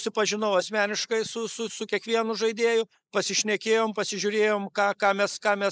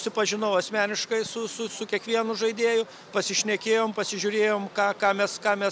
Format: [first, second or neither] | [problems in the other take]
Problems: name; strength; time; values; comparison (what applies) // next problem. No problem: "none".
second | noise reduction (neural mask model Resemble Enhance denoiser)